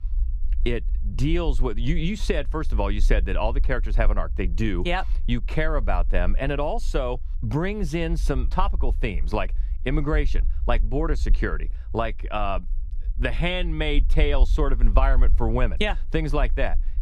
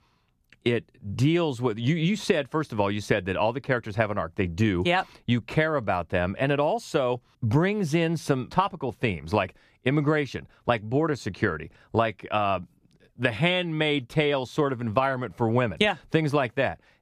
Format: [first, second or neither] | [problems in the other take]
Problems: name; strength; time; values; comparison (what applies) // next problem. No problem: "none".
second | low rumble; faint; throughout; 25 dB below the speech